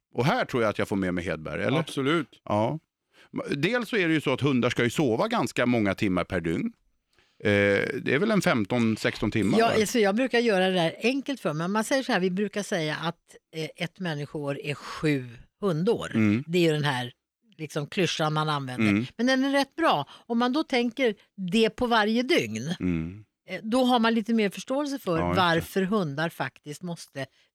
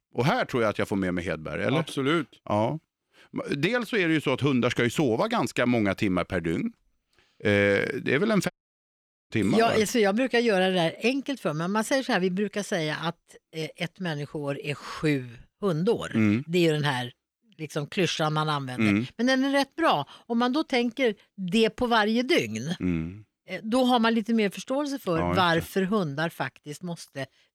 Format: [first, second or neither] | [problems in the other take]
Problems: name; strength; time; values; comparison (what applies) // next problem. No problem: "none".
first | audio cutting out; at 8.5 s for 1 s